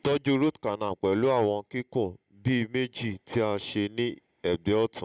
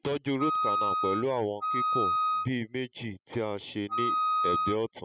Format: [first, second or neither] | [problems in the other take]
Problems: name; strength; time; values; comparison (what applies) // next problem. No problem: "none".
first | noise reduction (classical method spectral subtraction)